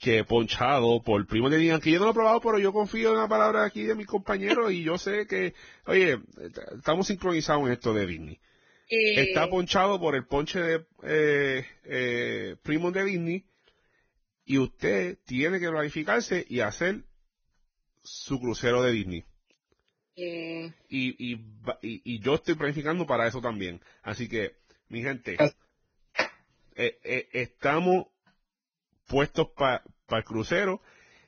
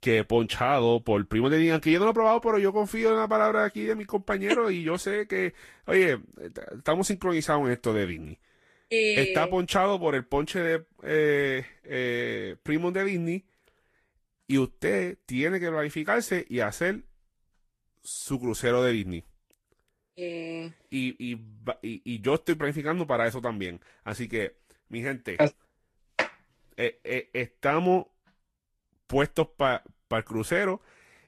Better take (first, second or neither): second